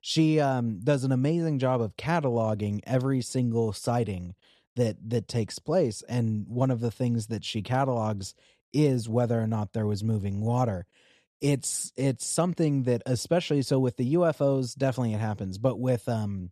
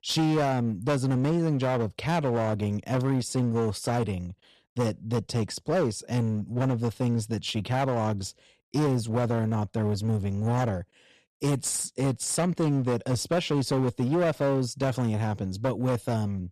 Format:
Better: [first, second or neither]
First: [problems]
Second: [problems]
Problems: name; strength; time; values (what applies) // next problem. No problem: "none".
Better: first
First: none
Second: distortion; slight; 17% of the sound clipped